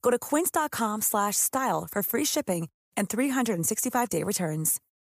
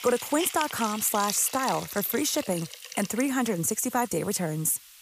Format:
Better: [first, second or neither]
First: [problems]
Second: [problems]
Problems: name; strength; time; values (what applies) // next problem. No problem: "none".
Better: first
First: none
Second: hiss; noticeable; throughout; 10 dB below the speech